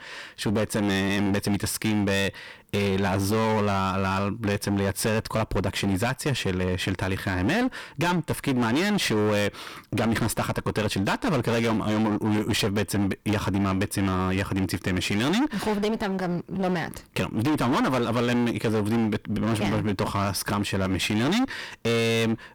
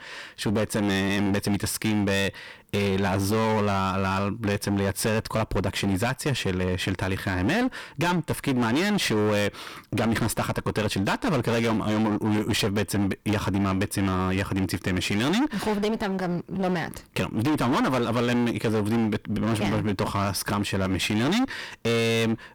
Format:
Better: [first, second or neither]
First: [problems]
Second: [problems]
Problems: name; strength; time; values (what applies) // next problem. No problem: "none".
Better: neither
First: distortion; heavy; 29% of the sound clipped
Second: distortion; heavy; 29% of the sound clipped